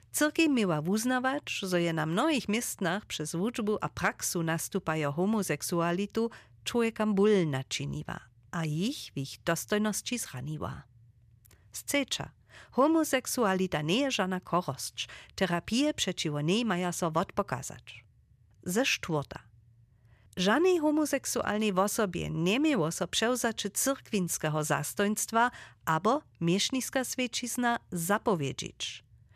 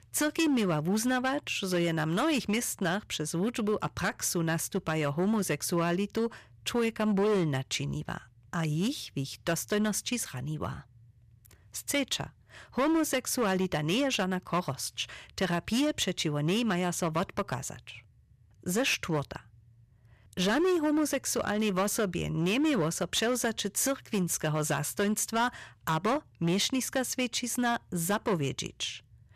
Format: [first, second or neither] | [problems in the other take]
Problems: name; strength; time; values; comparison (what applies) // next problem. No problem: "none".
first | distortion; slight; 8% of the sound clipped